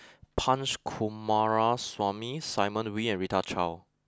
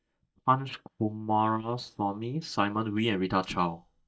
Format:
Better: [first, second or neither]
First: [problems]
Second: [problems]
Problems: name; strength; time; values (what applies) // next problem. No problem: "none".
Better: first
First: none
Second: noise reduction (neural mask model DeepFilterNet 3)